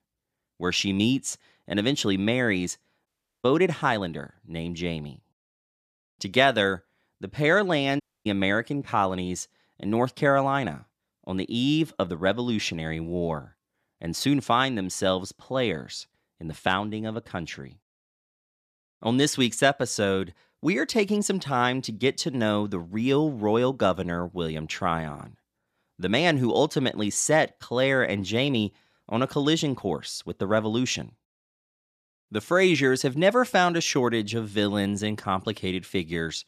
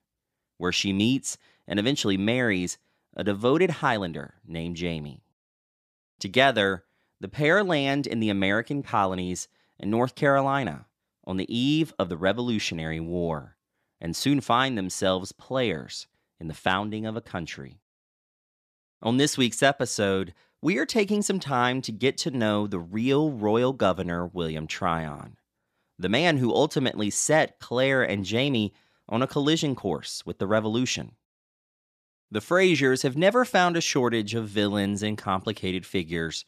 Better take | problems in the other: second | audio cutting out; at 3 s and at 8 s

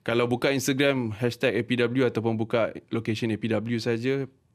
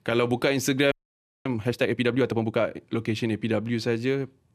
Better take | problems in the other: first | audio freezing; at 1 s for 0.5 s

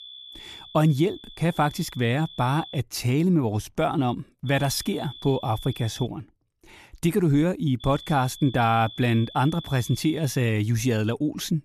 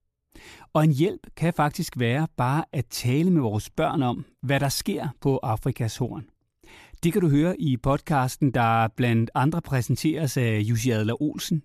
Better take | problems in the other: second | high-pitched whine; noticeable; until 3 s, from 4.5 to 6 s and from 8 to 10 s; 3.5 kHz, 15 dB below the speech

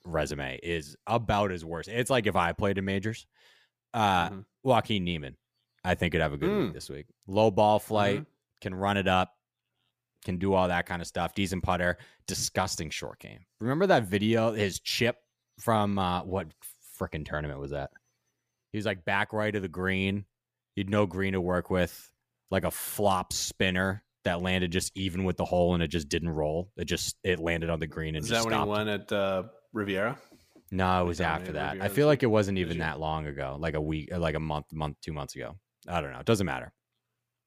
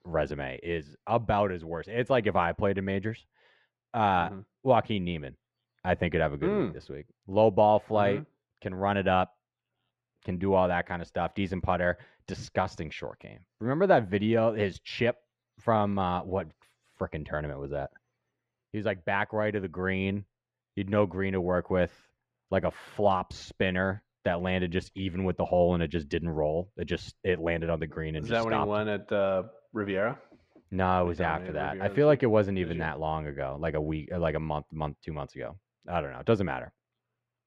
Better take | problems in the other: first | muffled; very; fading above 2.5 kHz

